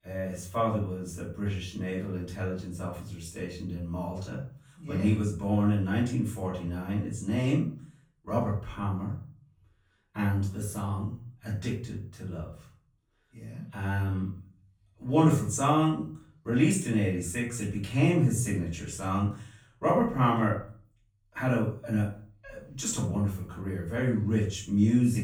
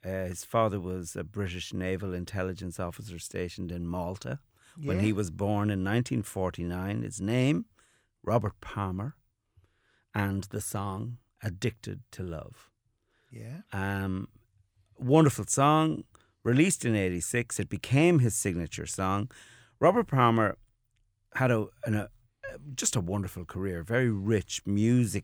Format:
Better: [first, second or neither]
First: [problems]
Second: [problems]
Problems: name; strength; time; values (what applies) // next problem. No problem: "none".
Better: second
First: off-mic speech; far // room echo; noticeable; dies away in 0.4 s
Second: none